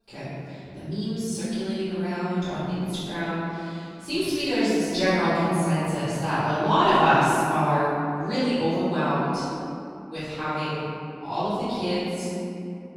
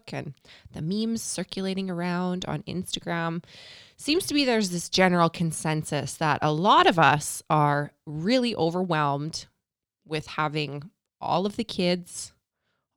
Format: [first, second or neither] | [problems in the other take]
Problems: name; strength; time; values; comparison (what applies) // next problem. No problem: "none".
second | off-mic speech; far // room echo; strong; dies away in 2.5 s